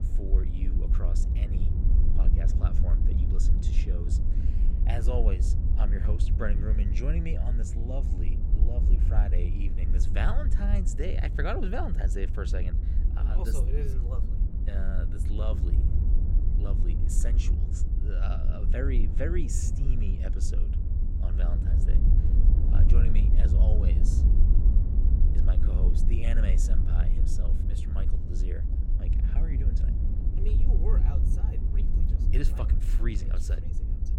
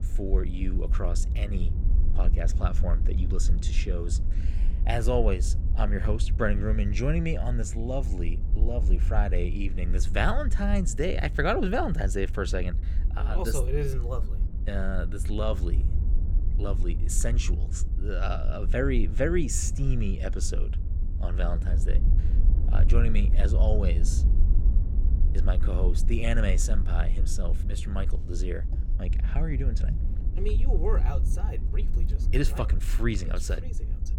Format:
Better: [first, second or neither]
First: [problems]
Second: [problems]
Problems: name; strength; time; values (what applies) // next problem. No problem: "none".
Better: second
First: wind noise on the microphone; heavy; 4 dB below the speech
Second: wind noise on the microphone; occasional gusts; 15 dB below the speech